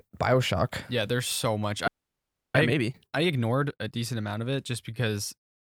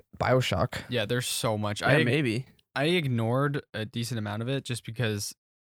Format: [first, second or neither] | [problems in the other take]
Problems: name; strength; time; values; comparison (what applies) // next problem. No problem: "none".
second | audio freezing; at 2 s for 0.5 s